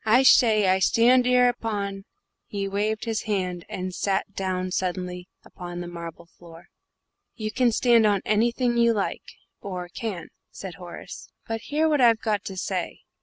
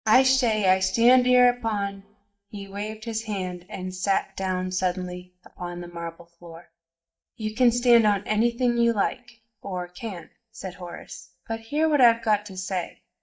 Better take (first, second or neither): first